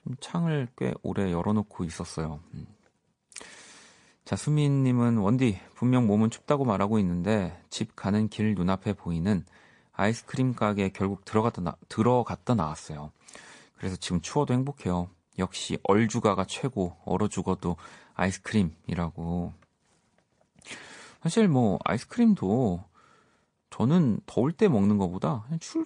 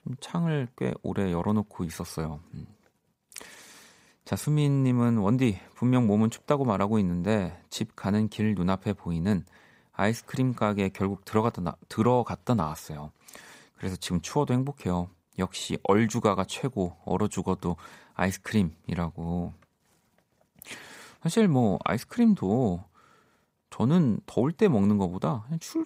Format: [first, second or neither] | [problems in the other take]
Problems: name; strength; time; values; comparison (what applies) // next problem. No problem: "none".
second | garbled, watery; slightly; nothing above 8.5 kHz